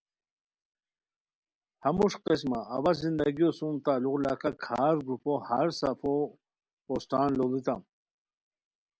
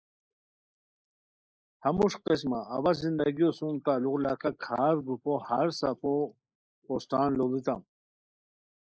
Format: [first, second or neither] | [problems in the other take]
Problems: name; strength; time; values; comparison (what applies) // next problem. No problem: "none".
first | noise reduction (neural mask model Resemble Enhance denoiser)